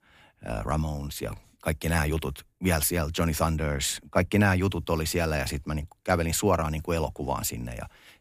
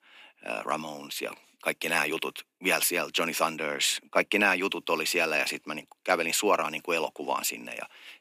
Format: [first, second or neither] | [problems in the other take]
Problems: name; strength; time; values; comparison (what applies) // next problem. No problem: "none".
first | thin; somewhat; fading below 250 Hz